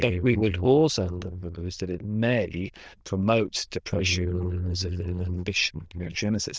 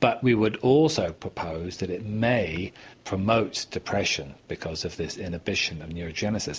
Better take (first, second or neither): second